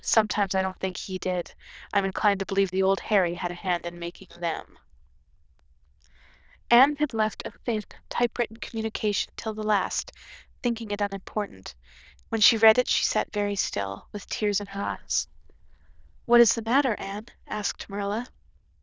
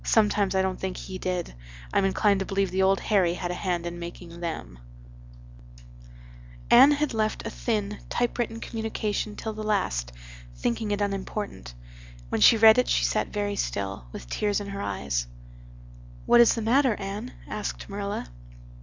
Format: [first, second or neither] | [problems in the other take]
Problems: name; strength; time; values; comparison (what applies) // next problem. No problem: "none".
second | noise reduction (neural diffusion model UNIVERSE++)